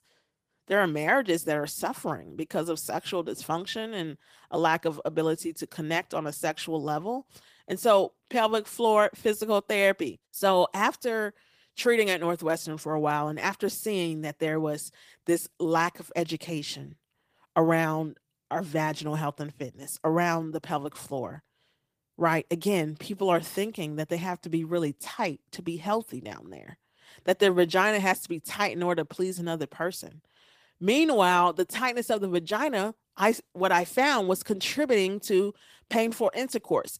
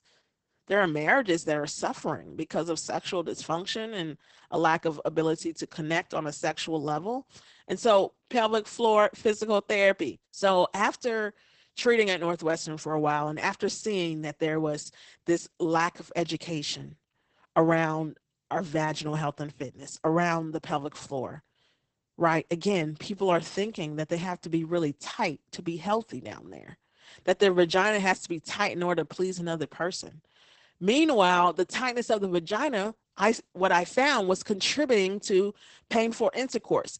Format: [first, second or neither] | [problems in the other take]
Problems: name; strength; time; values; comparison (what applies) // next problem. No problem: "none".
first | garbled, watery; badly; nothing above 8 kHz; slightly in the first